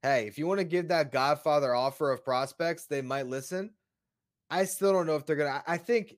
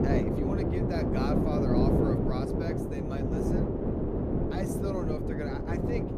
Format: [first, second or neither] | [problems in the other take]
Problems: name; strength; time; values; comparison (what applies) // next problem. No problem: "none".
first | wind noise on the microphone; heavy; 5 dB above the speech